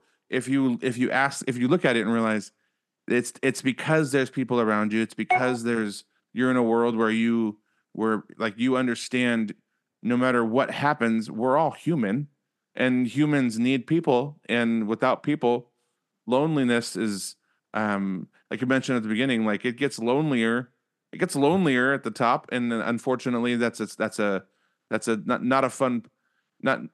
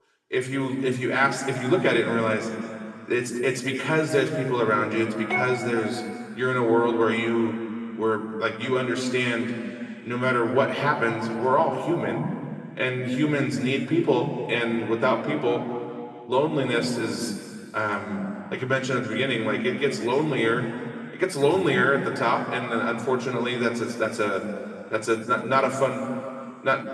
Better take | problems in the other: first | room echo; noticeable; dies away in 2.3 s // off-mic speech; somewhat distant

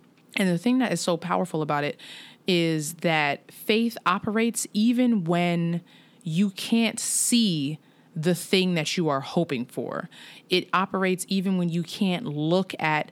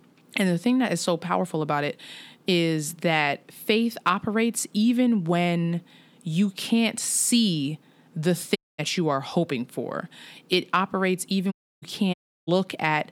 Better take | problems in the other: first | audio cutting out; at 8.5 s and at 12 s

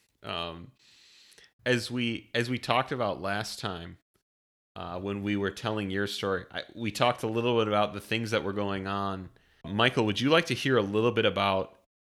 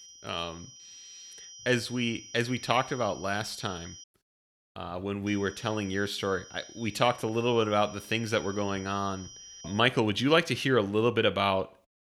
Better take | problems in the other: first | high-pitched whine; noticeable; until 4 s and from 5.5 to 10 s; 6 kHz, 15 dB below the speech

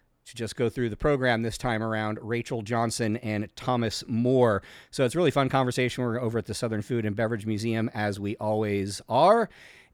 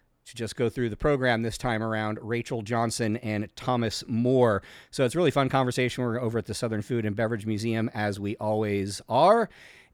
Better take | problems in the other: neither | none

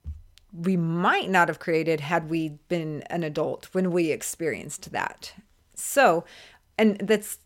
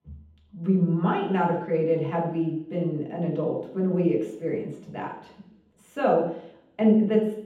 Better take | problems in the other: first | room echo; noticeable; dies away in 0.8 s // off-mic speech; far

